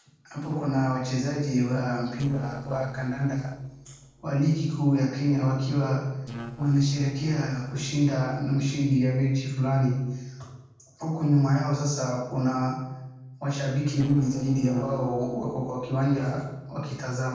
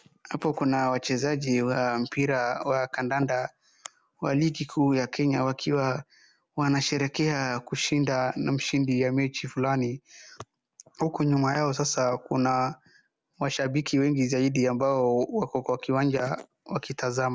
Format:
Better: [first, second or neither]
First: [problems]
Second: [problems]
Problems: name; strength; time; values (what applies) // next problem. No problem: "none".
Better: second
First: noise reduction (neural separator model SepFormer DNS4)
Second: none